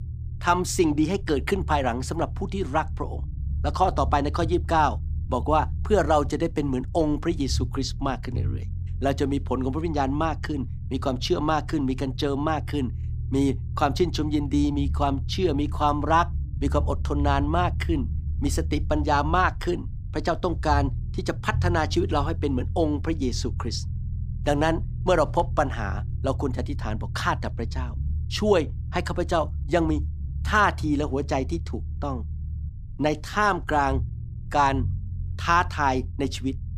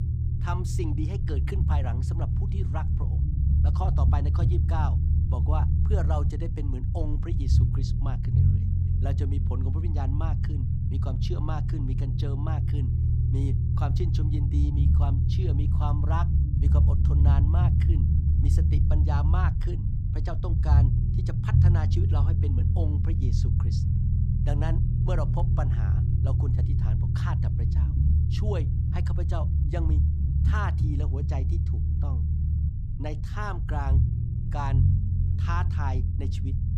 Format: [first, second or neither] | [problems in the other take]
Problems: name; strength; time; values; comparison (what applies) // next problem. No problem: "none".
first | low rumble; loud; throughout; 1 dB below the speech; faint in the first